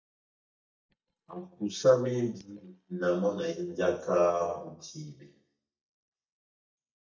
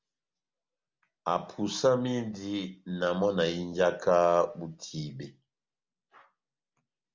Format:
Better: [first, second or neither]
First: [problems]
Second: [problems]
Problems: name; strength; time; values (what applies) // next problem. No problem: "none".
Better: second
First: noise reduction (neural mask model DeepFilterNet 3)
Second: none